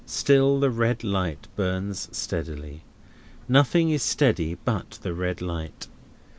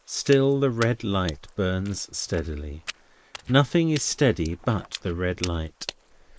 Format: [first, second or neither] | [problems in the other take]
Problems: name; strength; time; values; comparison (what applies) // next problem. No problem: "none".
first | noise reduction (neural mask model Resemble Enhance denoiser)